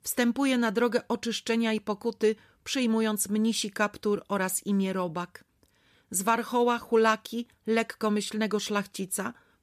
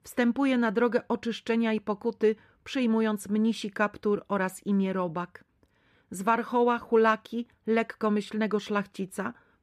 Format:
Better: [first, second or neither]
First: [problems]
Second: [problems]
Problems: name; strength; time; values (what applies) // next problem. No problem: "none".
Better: first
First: none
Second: muffled; slightly; fading above 3.5 kHz